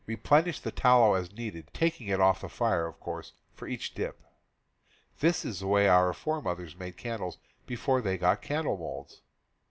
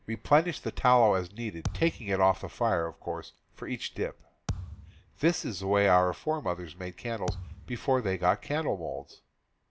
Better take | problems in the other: first | background sound (Thump, thud); 11 dB below the speech

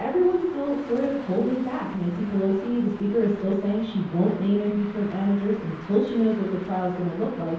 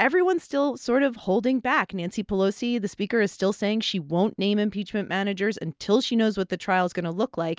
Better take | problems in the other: second | background sound (Traffic noise, roadway noise); 18 dB below the speech // room echo; dies away in 0.9 s

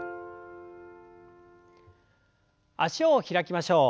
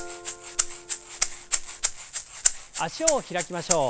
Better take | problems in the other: first | background sound (Rattle (instrument)); 3 dB above the speech

